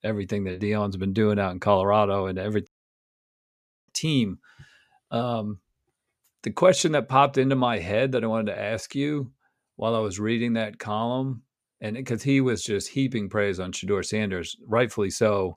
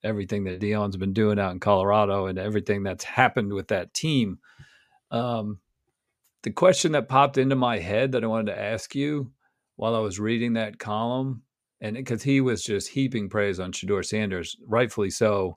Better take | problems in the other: second | audio cutting out; at 2.5 s for 1 s

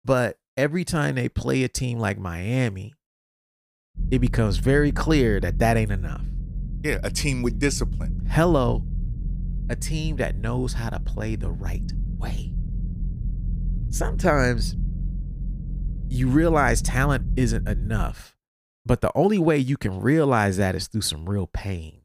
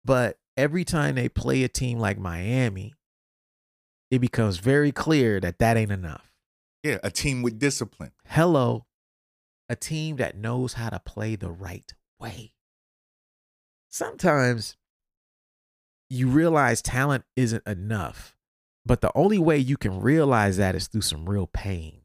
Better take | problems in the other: second | low rumble; noticeable; from 4 to 18 s; 20 dB below the speech

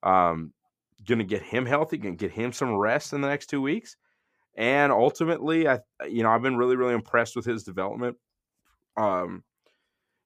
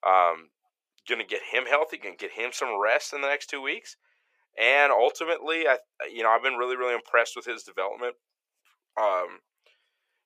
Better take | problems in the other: first | thin; very; fading below 500 Hz

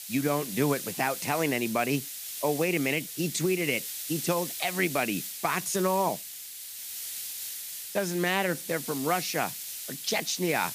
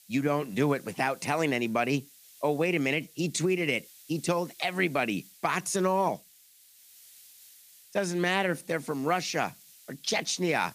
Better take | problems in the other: second | hiss; loud; throughout; 6 dB below the speech; faint in the second

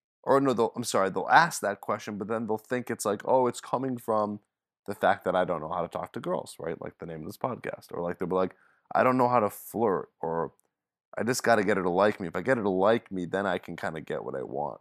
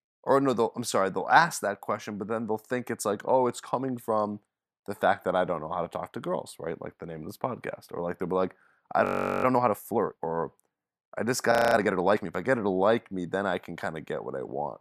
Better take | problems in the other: first | audio freezing; at 9 s and at 12 s

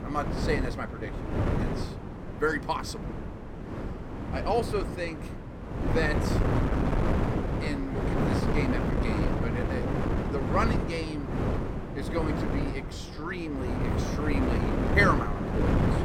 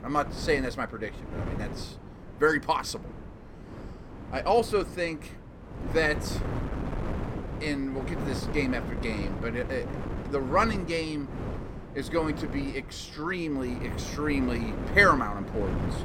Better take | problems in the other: second | wind noise on the microphone; heavy; 2 dB below the speech; occasional gusts in the second

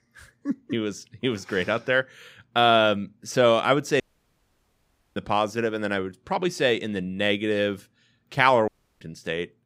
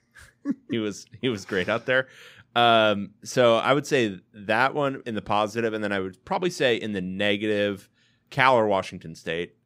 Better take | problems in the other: second | audio cutting out; at 4 s for 1 s and at 8.5 s

